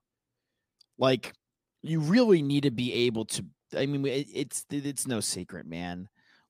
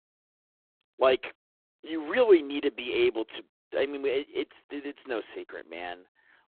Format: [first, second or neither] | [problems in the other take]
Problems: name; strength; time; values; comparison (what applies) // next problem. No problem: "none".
first | phone-call audio; poor line